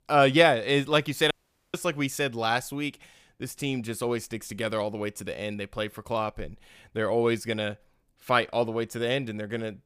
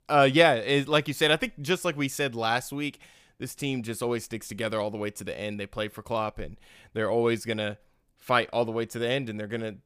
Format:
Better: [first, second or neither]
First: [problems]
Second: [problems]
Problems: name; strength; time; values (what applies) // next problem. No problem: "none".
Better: second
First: audio cutting out; at 1.5 s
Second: none